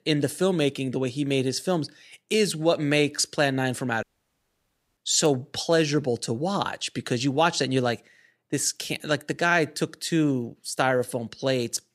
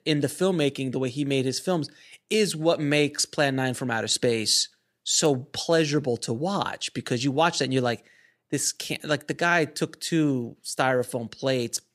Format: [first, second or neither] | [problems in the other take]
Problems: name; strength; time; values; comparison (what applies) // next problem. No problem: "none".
second | audio cutting out; at 4 s for 1 s